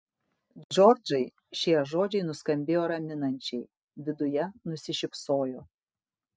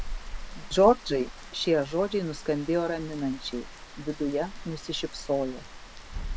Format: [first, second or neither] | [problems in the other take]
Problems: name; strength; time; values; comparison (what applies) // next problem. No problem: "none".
first | background sound (Rain); 10 dB below the speech